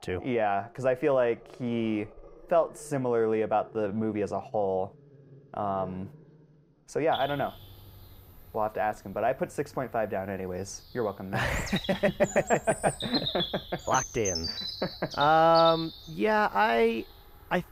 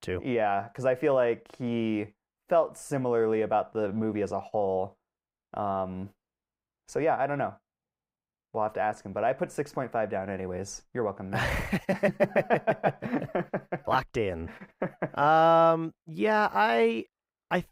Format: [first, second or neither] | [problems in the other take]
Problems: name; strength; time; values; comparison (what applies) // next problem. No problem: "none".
second | animal sounds; loud; throughout; 7 dB below the speech